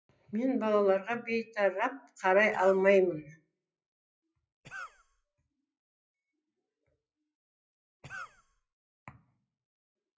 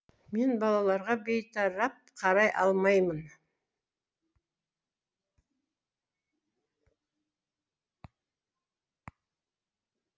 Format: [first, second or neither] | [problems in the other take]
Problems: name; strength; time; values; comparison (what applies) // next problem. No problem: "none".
second | noise reduction (classical method WPE with log-MMSE)